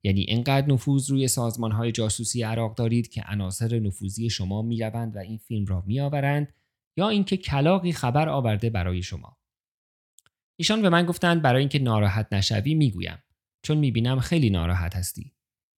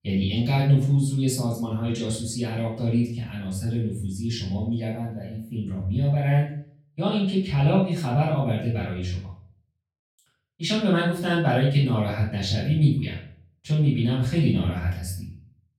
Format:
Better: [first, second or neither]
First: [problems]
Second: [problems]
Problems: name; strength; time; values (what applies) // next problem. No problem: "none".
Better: first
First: none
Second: off-mic speech; far // room echo; noticeable; dies away in 0.5 s